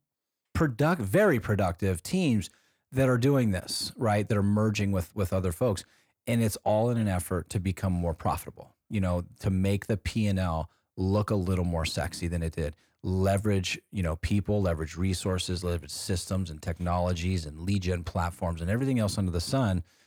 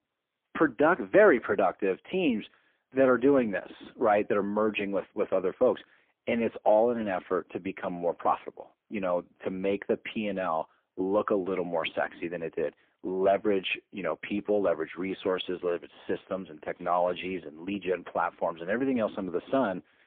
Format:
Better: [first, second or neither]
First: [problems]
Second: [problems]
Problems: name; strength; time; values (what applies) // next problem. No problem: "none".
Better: first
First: none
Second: phone-call audio; poor line; nothing above 3.5 kHz